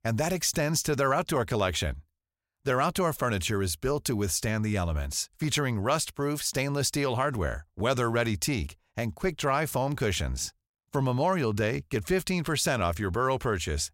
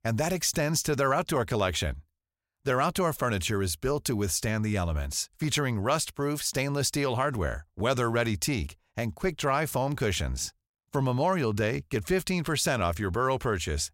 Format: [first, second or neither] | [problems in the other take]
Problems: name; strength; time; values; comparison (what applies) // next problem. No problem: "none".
neither | none